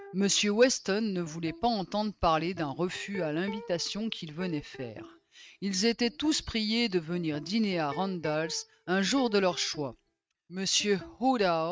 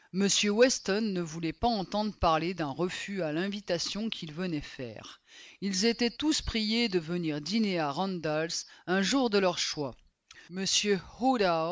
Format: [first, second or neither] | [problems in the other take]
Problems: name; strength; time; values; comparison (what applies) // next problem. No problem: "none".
second | noise reduction (neural mask model RNNoise)